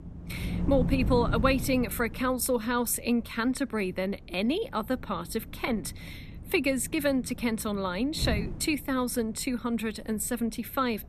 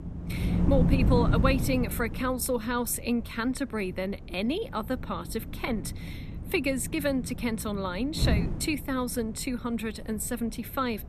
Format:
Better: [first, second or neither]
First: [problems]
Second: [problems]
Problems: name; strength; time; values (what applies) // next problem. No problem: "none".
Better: first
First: wind noise on the microphone; occasional gusts; 15 dB below the speech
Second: wind noise on the microphone; heavy; 9 dB below the speech